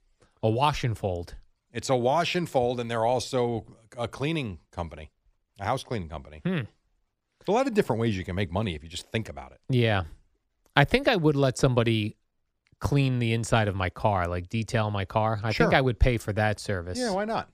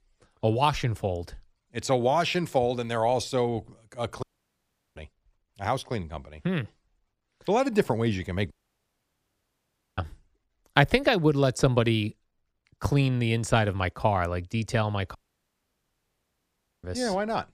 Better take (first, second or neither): first